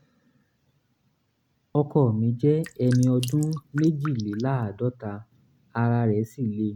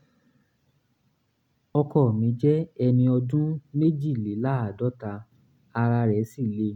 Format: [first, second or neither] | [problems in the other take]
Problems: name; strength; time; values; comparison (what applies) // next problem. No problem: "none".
second | background sound (Drip); 17 dB below the speech